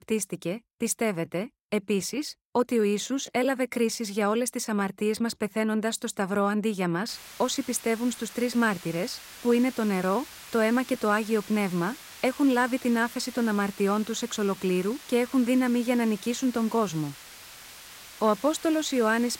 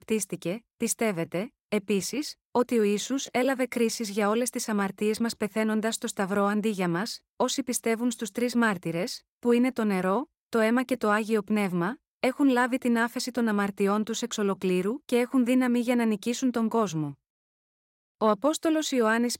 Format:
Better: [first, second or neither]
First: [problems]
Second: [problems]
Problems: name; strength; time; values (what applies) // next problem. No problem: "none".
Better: second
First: hiss; noticeable; from 7 s on; 15 dB below the speech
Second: none